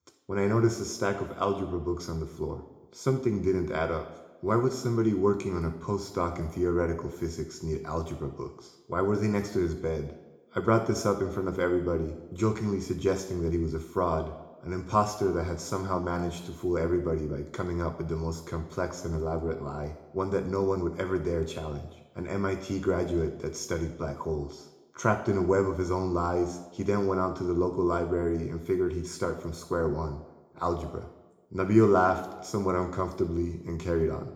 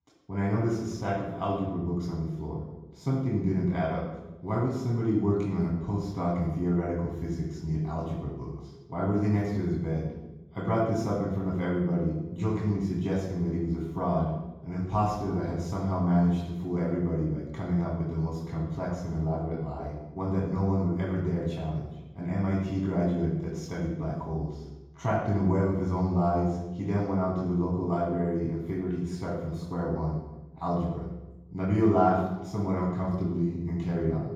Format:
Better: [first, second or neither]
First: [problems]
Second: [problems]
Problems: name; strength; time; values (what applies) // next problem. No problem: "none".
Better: first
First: room echo; slight; dies away in 0.7 s // off-mic speech; somewhat distant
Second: room echo; strong; dies away in 1.3 s // off-mic speech; far